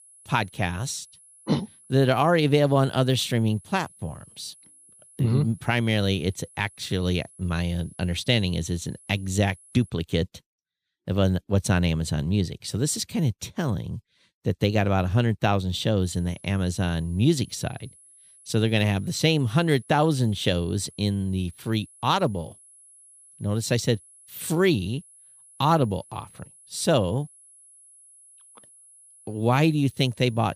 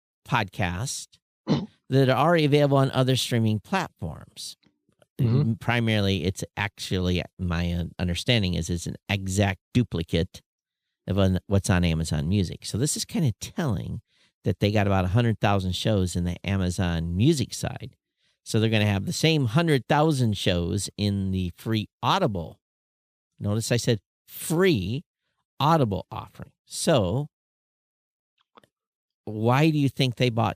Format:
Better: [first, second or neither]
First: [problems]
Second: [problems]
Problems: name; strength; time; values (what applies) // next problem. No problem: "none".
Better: second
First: high-pitched whine; faint; until 10 s and from 16 s on; 10.5 kHz, 25 dB below the speech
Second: none